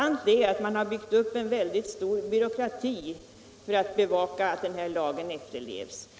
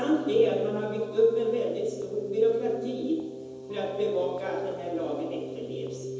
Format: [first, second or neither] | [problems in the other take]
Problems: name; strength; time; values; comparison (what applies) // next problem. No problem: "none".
first | background sound (Keyboard (musical)); 10 dB below the speech // room echo; dies away in 1.1 s